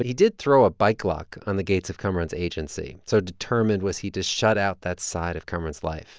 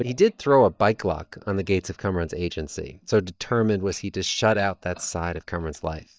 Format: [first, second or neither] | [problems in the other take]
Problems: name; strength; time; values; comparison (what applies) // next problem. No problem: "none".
first | noise reduction (neural mask model DeepFilterNet 3)